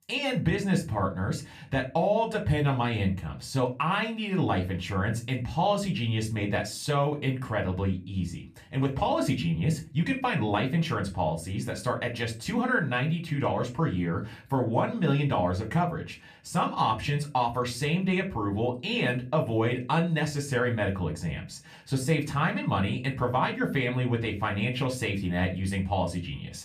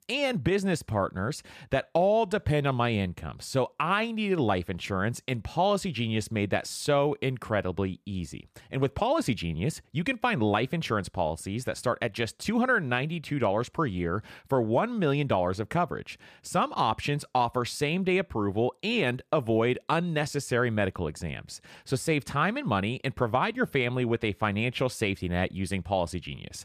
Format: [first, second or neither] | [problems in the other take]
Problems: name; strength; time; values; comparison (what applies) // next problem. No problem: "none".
second | off-mic speech; far // room echo; very slight; dies away in 0.3 s